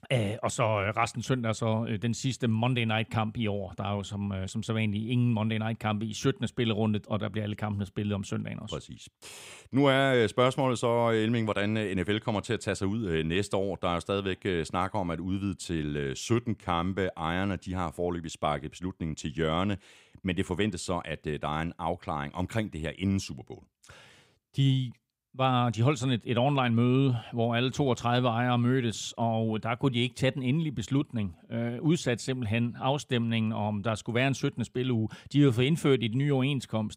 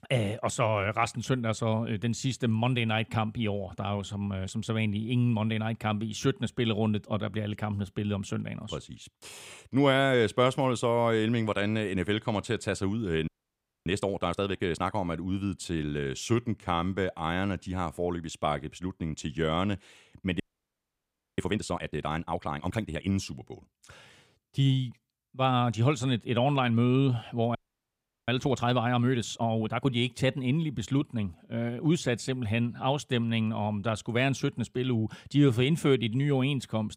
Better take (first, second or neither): first